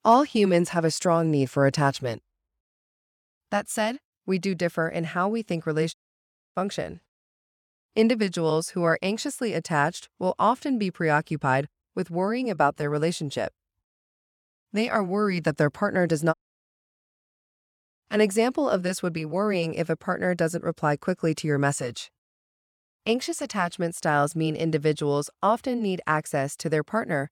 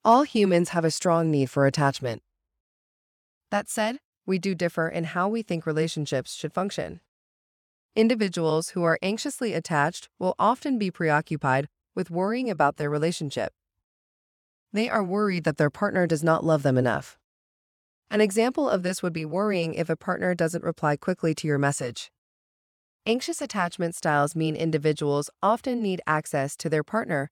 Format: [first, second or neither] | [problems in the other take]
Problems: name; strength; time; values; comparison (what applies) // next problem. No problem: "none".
second | audio cutting out; at 6 s for 0.5 s and at 16 s for 1 s